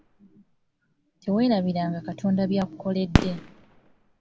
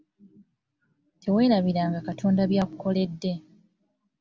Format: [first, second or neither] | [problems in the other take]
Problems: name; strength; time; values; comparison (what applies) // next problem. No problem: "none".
second | background sound (Fireworks); 4 dB below the speech